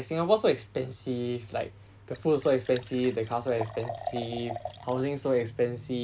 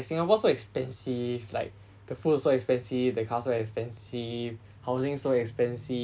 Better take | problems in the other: second | background sound (Liquid); 14 dB below the speech

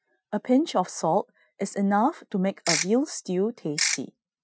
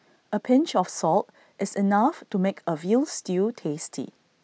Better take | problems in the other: second | noise reduction (classical method Wiener filter)

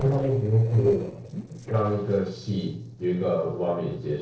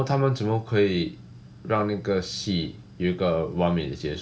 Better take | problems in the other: second | noise reduction (neural separator model SepFormer DNS4)

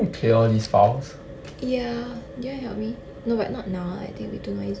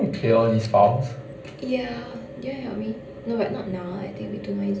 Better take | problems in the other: first | room echo; dies away in 0.5 s

